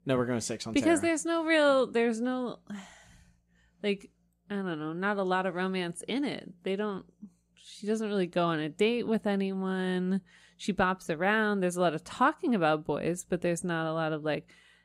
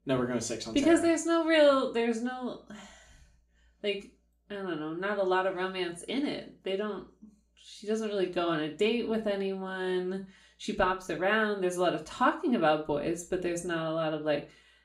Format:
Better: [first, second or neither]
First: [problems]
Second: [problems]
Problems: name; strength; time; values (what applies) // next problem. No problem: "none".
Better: first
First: none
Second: room echo; very slight; dies away in 0.3 s // off-mic speech; far